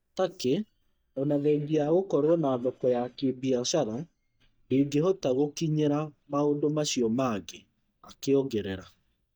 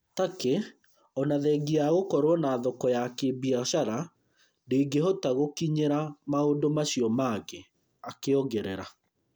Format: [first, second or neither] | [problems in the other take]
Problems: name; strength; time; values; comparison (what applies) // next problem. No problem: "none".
second | noise reduction (neural mask model DeepFilterNet 3)